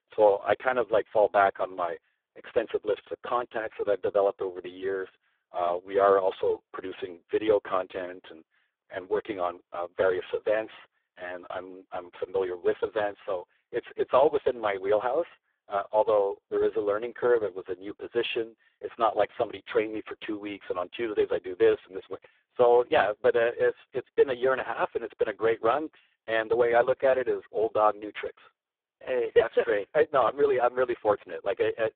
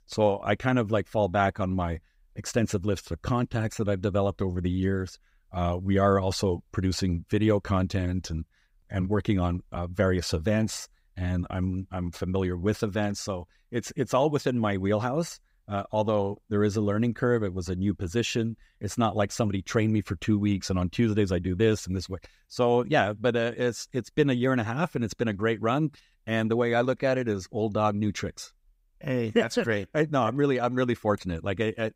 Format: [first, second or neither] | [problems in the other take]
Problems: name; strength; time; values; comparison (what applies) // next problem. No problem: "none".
second | phone-call audio; poor line